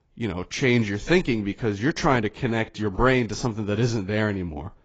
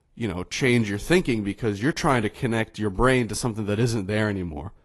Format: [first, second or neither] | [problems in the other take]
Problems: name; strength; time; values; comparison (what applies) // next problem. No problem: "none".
second | garbled, watery; badly; nothing above 7.5 kHz; slightly in the second